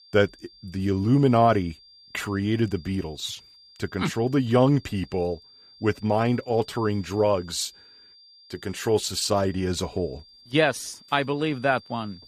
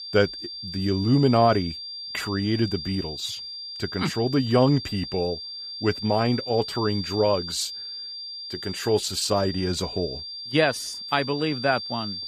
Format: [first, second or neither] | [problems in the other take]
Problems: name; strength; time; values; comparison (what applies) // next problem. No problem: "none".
first | high-pitched whine; loud; throughout; 4.5 kHz, 8 dB below the speech; faint in the first